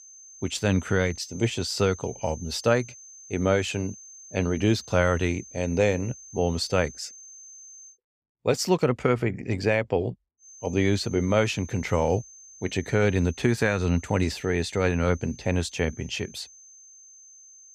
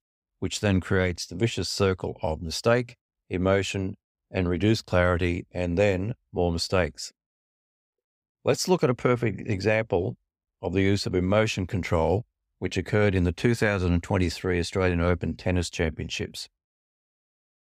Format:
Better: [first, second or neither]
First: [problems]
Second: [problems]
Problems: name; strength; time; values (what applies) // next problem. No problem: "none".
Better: second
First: high-pitched whine; noticeable; until 8 s and from 10 s on; 6.5 kHz, 20 dB below the speech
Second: none